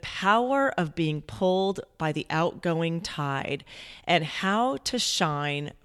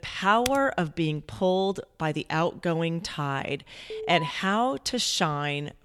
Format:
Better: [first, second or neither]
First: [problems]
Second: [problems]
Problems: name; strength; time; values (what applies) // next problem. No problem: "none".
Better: first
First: none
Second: keyboard typing; noticeable; at 0.5 s; peak 8 dB below the speech // alarm; noticeable; at 4 s; peak 9 dB below the speech